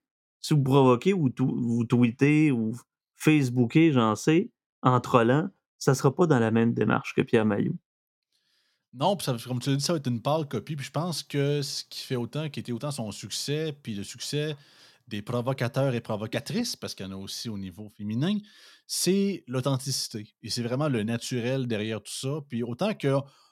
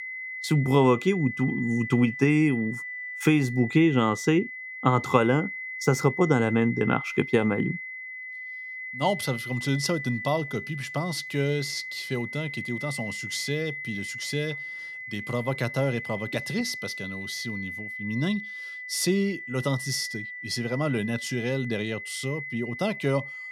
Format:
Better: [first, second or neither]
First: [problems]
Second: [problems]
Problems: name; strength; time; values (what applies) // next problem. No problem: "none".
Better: first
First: none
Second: high-pitched whine; loud; throughout; 2 kHz, 8 dB below the speech